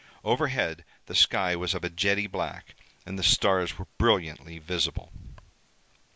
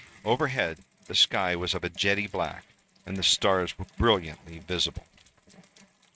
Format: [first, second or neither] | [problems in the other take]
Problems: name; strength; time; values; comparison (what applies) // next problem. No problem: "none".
first | noise reduction (neural mask model RNNoise)